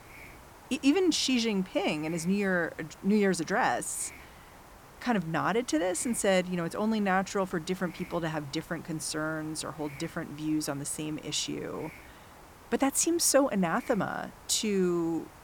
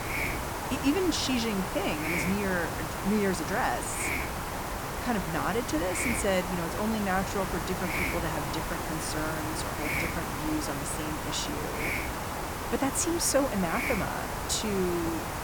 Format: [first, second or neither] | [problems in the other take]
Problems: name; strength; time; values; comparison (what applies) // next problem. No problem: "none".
first | hiss; loud; throughout; 1 dB below the speech; faint in the first